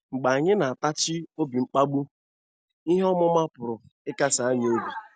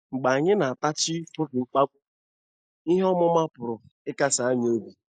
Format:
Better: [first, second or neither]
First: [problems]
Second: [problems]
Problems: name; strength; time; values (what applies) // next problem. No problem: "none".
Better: first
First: none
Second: noise reduction (neural mask model Resemble Enhance denoiser)